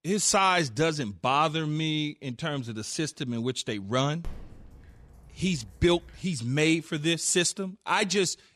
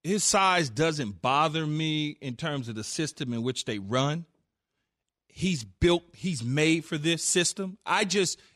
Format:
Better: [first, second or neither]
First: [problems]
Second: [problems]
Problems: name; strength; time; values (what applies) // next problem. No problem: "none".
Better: second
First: dog barking; faint; from 4 to 6 s; peak 20 dB below the speech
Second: none